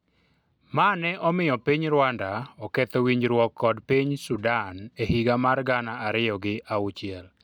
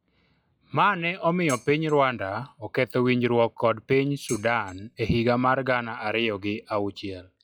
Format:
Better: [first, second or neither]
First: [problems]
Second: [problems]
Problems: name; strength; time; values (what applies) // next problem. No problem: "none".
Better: first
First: none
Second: noise reduction (classical method log-MMSE)